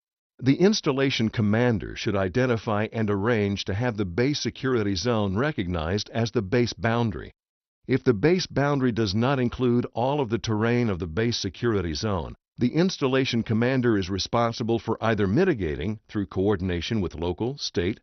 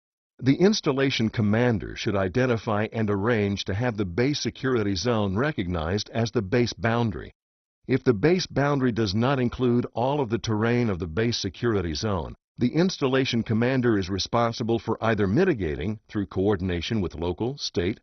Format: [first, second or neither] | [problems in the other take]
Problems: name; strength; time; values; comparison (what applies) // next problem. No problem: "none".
first | garbled, watery; badly; nothing above 6 kHz; slightly in the first